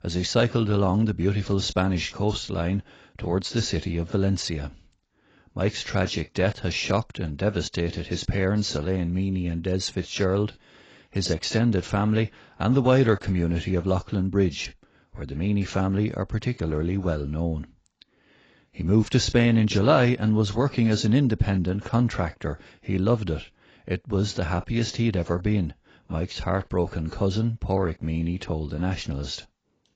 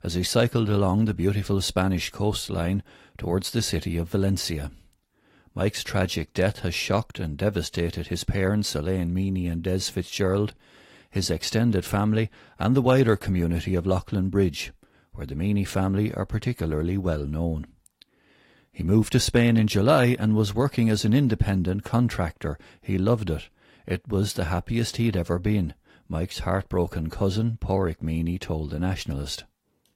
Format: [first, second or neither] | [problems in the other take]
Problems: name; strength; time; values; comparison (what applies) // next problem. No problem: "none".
second | garbled, watery; badly; nothing above 7.5 kHz; slightly in the second